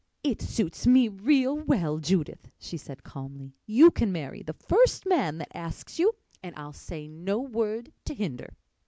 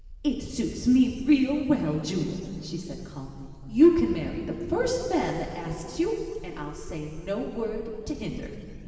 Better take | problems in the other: first | background sound (Bark); 17 dB below the speech // room echo; dies away in 2.7 s

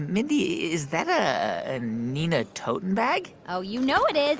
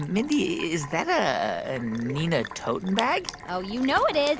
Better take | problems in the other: first | background sound (Sink (filling or washing)); 15 dB below the speech

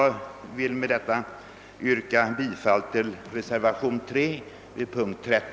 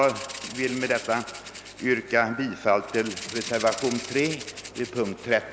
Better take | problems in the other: first | background sound (Rattle (instrument)); 13 dB below the speech

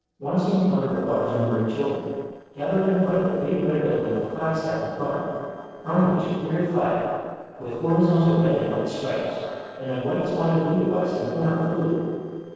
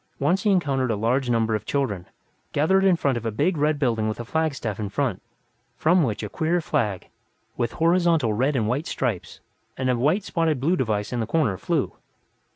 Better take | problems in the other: second | noise reduction (neural separator model SepFormer DNS4)

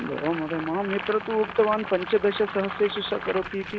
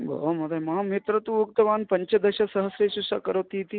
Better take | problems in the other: second | background sound (Boiling); 10 dB below the speech

